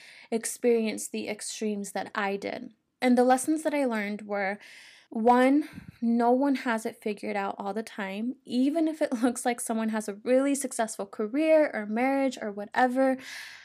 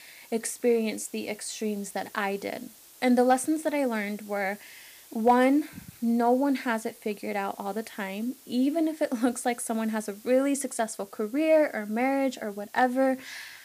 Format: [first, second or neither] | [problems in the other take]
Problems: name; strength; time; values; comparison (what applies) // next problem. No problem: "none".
first | hiss; faint; throughout; 25 dB below the speech